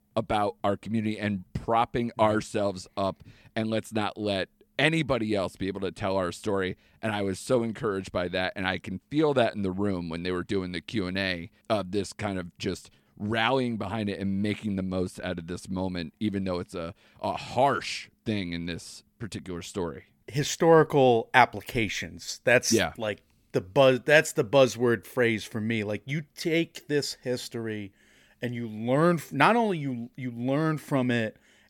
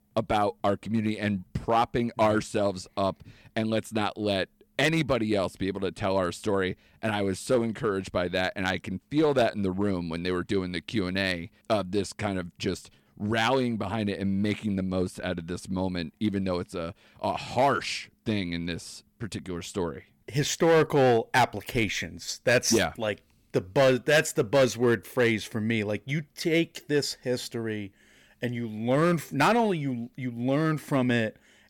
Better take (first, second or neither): first